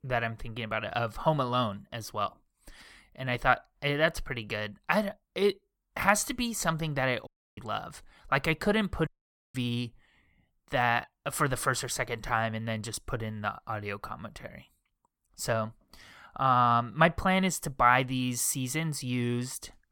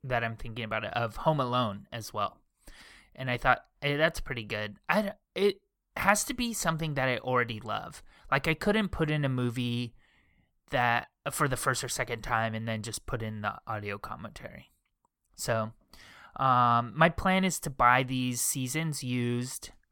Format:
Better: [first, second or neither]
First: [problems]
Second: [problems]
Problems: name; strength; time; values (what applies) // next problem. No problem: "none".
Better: second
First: audio cutting out; at 7.5 s and at 9 s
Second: none